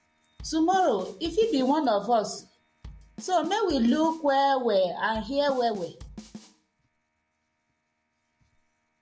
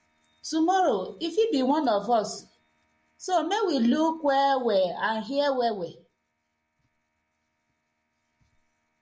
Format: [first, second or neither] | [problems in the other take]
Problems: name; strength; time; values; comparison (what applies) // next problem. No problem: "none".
second | background sound (Drum kit); 19 dB below the speech